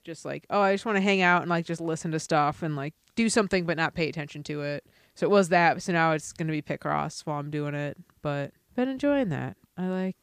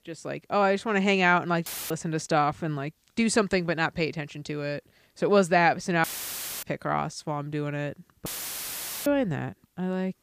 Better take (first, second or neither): first